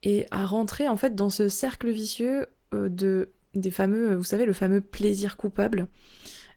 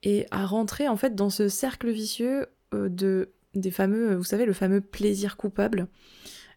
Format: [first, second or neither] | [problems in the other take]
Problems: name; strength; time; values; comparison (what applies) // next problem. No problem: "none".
second | garbled, watery; slightly; nothing above 18.5 kHz